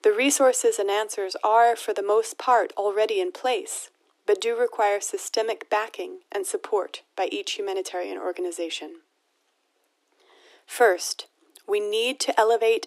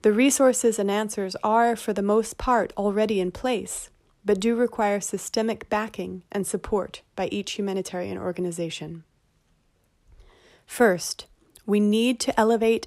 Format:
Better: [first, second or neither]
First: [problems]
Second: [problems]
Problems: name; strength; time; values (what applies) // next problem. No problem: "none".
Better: second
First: thin; somewhat; fading below 300 Hz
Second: none